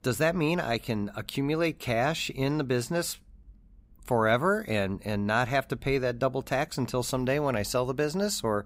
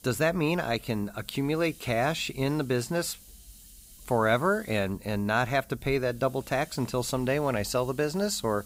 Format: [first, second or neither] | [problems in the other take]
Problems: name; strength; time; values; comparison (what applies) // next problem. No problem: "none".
first | hiss; faint; throughout; 25 dB below the speech